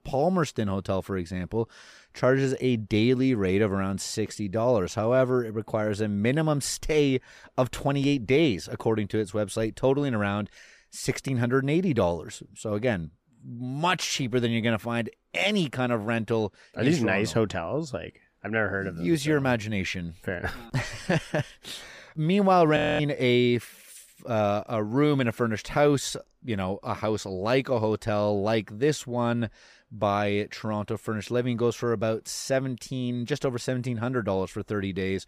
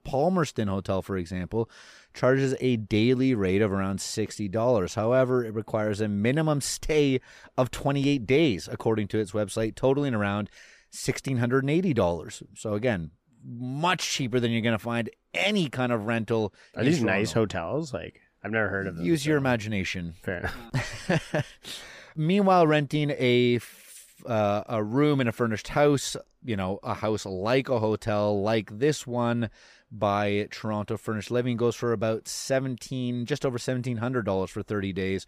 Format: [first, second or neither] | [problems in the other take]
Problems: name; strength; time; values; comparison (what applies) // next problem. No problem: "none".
second | audio freezing; at 23 s